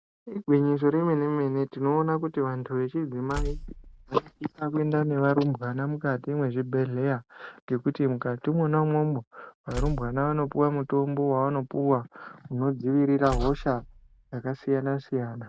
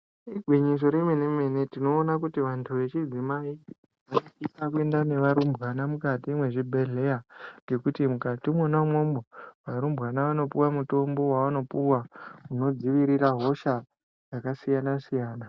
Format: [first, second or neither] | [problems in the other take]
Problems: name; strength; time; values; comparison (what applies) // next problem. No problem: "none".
second | background sound (Tools); 11 dB below the speech